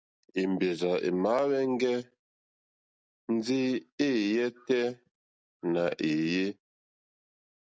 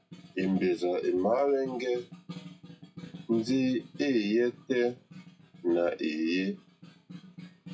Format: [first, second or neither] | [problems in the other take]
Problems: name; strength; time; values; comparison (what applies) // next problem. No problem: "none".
first | noise reduction (classical method WPE with log-MMSE)